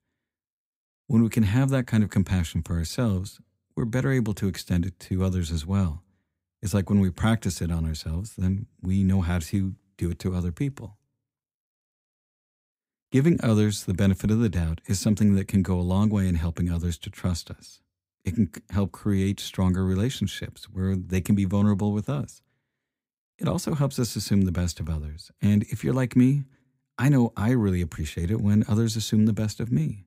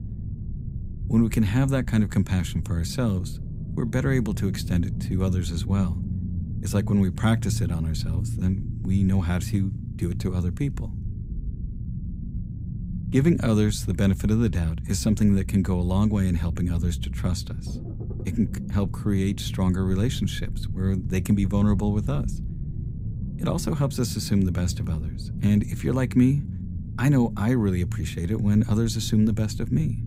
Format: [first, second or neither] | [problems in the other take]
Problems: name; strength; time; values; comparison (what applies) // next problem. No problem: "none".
first | low rumble; noticeable; throughout; 15 dB below the speech